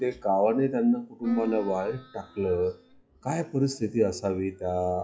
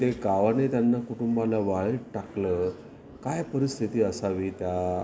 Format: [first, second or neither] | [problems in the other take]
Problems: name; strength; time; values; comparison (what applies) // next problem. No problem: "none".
second | noise reduction (classical method log-MMSE)